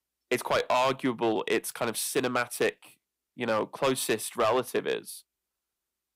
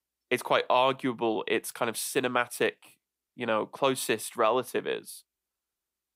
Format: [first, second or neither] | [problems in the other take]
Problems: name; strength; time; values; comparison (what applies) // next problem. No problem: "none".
second | distortion; slight; 4% of the sound clipped